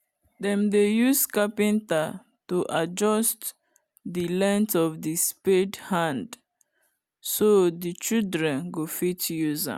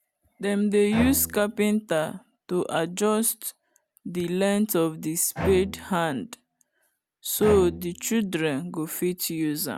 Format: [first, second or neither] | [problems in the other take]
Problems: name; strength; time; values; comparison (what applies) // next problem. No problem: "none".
first | background sound (Bowed string instrument); 10 dB below the speech